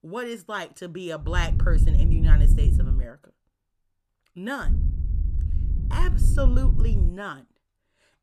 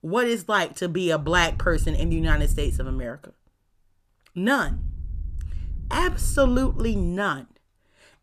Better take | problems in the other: second | low rumble; loud; from 1 to 3 s and from 4.5 to 7 s; 8 dB below the speech; faint in the second

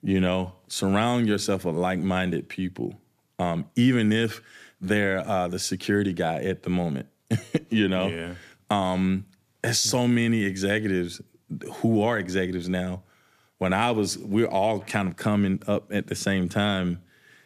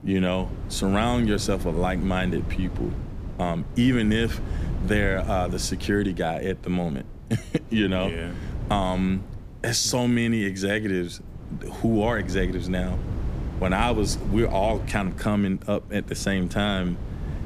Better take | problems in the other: first | wind noise on the microphone; occasional gusts; 15 dB below the speech

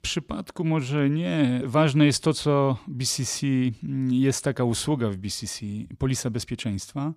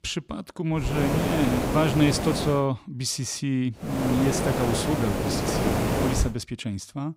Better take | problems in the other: first | hiss; loud; from 1 to 2.5 s and from 4 to 6 s; as loud as the speech

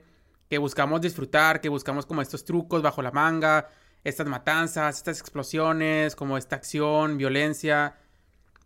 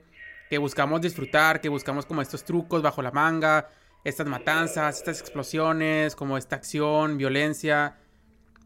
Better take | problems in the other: first | alarms or sirens; faint; throughout; 20 dB below the speech

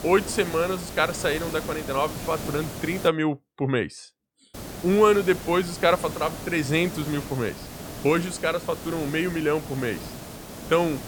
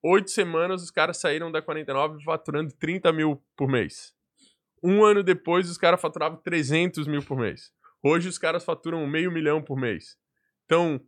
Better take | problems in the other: second | hiss; noticeable; until 3 s and from 4.5 s on; 10 dB below the speech

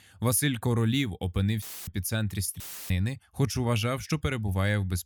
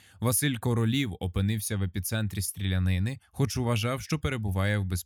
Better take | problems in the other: second | audio cutting out; filled with static; at 1.5 s and at 2.5 s

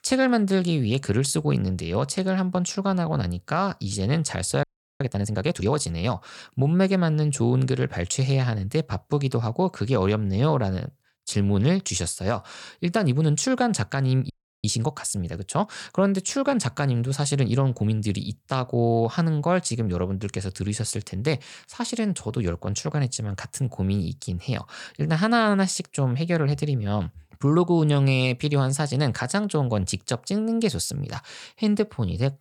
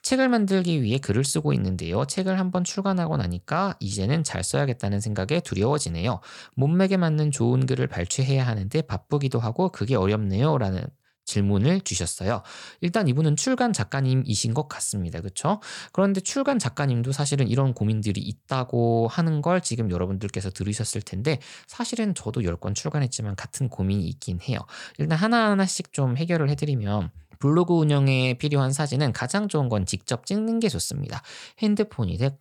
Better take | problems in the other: second | audio freezing; at 4.5 s and at 14 s

